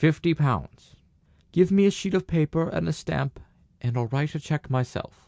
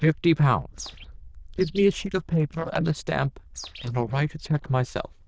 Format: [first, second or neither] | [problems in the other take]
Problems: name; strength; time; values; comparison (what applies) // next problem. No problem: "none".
first | noise reduction (neural diffusion model UNIVERSE++)